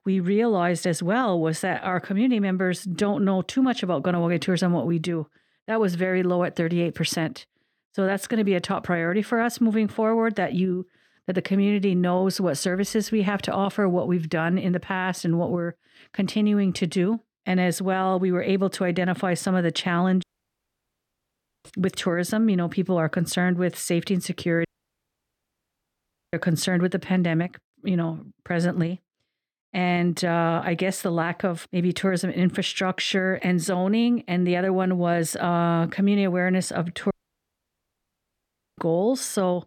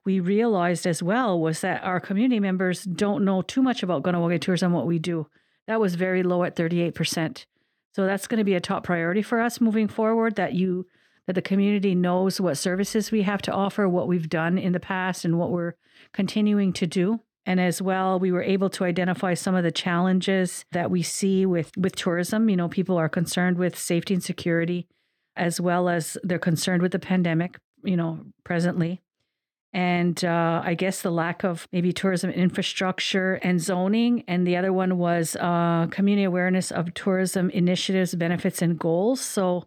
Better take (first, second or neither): second